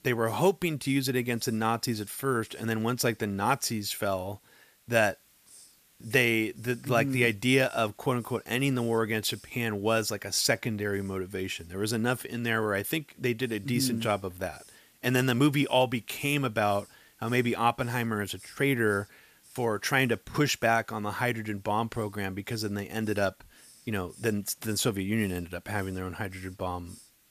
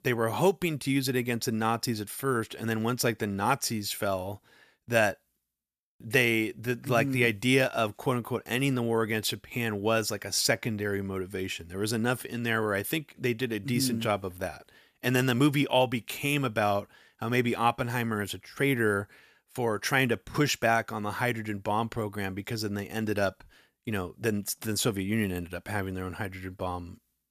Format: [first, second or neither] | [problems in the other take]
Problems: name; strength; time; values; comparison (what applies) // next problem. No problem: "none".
second | hiss; faint; throughout; 25 dB below the speech